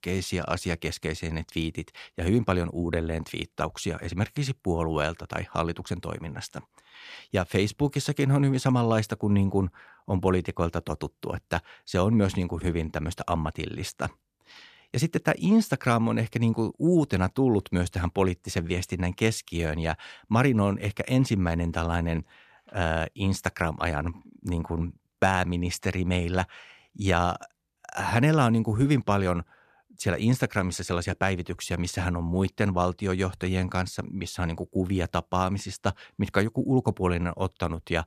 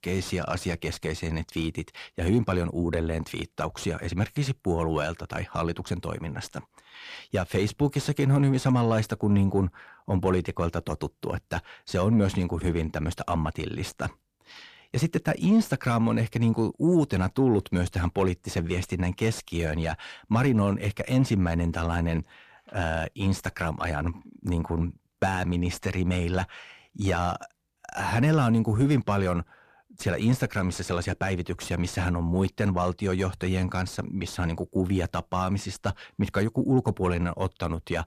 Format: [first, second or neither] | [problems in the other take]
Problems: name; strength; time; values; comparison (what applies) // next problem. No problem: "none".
first | distortion; slight; 10 dB below the speech